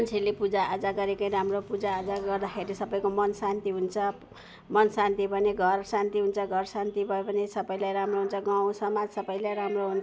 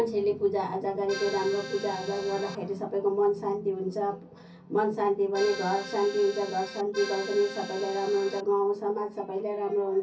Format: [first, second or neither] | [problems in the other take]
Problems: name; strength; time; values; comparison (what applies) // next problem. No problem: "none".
first | background sound (Accordion); 11 dB below the speech // room echo; dies away in 0.3 s